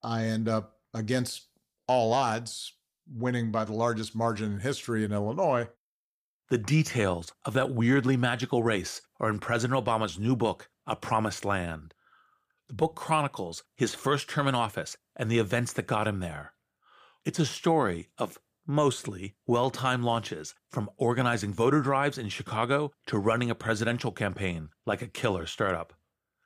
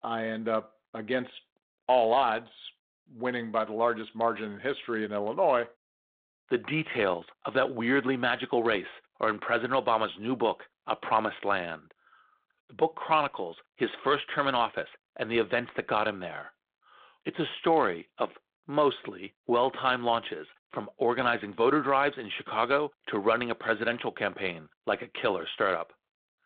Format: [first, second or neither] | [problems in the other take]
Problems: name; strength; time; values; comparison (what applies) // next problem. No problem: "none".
first | phone-call audio; nothing above 3.5 kHz